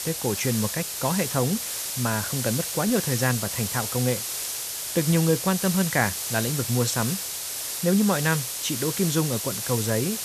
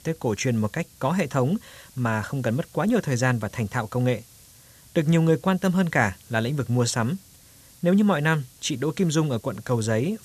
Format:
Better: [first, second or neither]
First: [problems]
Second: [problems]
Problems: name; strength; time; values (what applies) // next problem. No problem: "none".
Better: second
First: hiss; loud; throughout; 2 dB below the speech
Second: hiss; faint; throughout; 25 dB below the speech